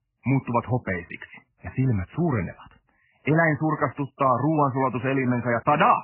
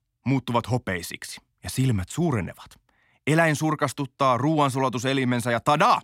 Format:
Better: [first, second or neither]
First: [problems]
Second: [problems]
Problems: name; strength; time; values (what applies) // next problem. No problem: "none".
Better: second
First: garbled, watery; badly; nothing above 3 kHz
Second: none